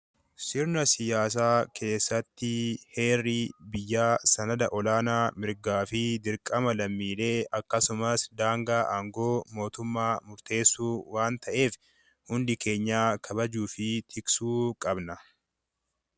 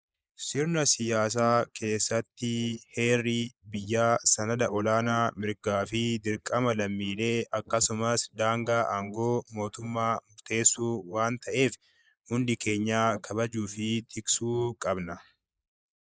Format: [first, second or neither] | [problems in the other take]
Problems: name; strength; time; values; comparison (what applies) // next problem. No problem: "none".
first | noise reduction (neural mask model Resemble Enhance denoiser)